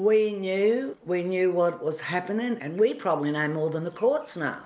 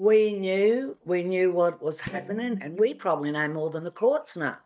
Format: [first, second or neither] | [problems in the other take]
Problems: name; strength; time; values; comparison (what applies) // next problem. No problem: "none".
first | noise reduction (neural mask model DeepFilterNet 3)